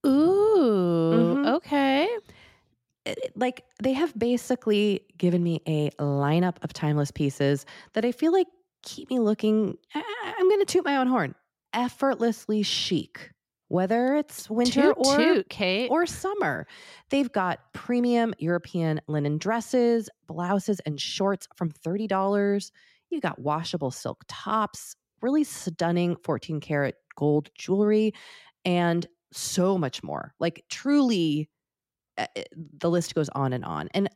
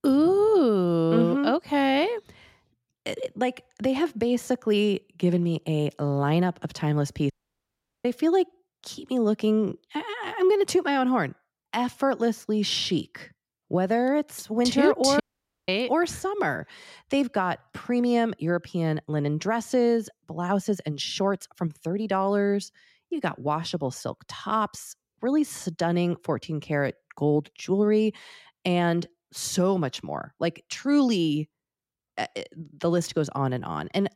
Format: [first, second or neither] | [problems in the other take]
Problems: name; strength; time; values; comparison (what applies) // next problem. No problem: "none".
first | audio cutting out; at 7.5 s for 0.5 s and at 15 s